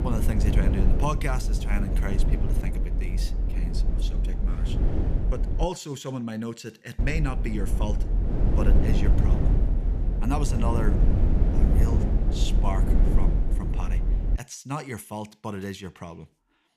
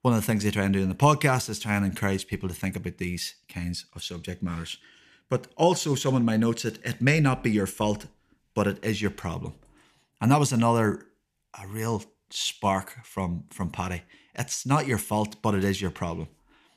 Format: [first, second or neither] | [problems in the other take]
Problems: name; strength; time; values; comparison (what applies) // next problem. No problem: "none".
second | low rumble; loud; until 5.5 s and from 7 to 14 s; 2 dB below the speech